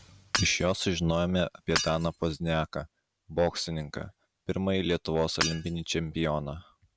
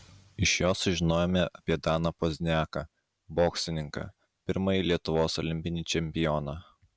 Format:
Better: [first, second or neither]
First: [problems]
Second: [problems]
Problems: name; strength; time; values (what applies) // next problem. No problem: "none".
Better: second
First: background sound (Shatter / Hammer); 7 dB below the speech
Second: none